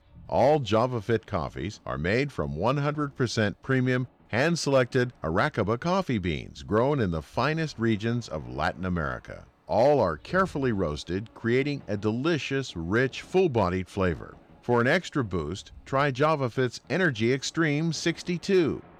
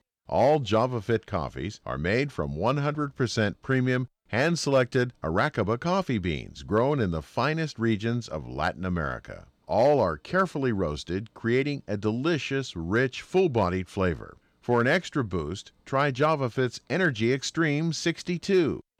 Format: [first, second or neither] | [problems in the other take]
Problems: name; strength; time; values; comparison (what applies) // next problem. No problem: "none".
second | train or aircraft noise; faint; throughout; 30 dB below the speech